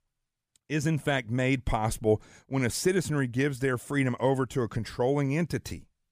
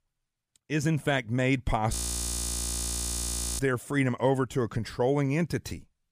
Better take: first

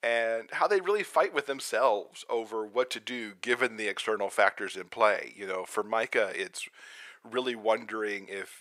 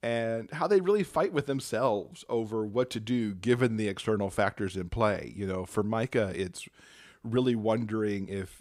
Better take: second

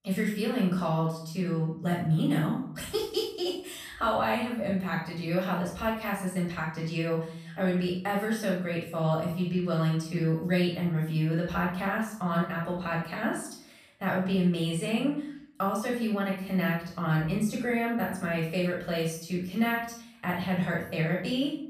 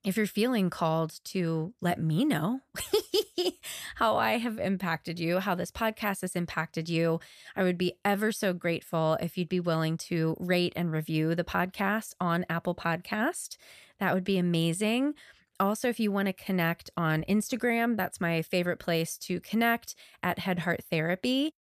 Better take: second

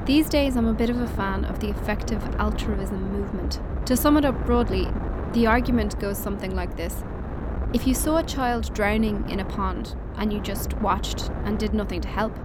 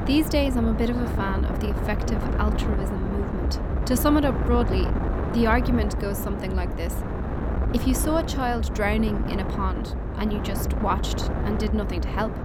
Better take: first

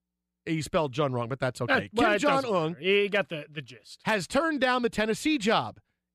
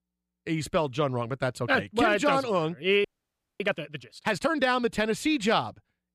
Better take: first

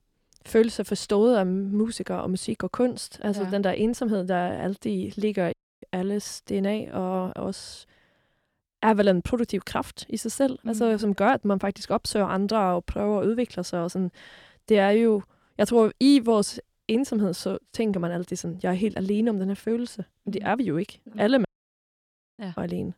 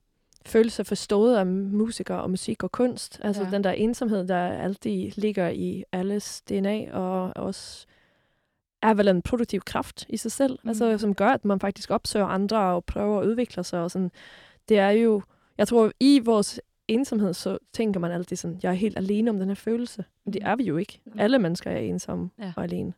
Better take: second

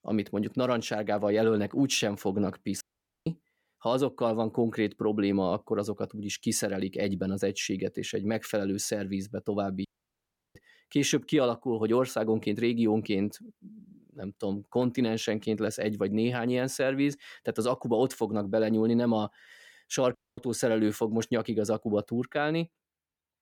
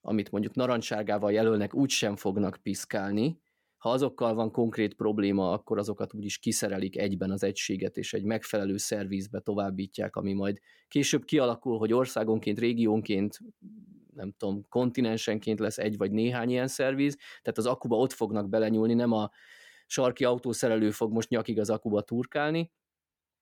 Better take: second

